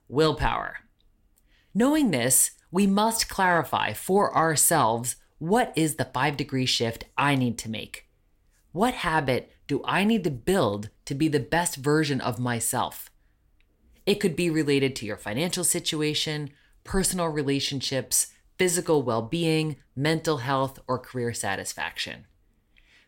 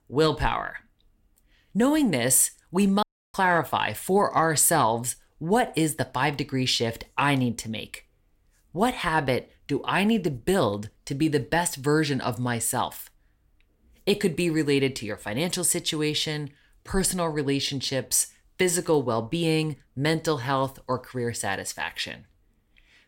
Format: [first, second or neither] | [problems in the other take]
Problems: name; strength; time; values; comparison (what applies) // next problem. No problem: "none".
first | audio cutting out; at 3 s